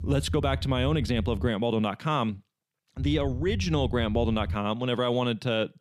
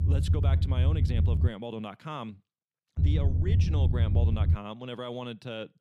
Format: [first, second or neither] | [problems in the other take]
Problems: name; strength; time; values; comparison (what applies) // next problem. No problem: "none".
first | low rumble; loud; until 1.5 s and from 3 to 4.5 s; 3 dB below the speech; faint in the first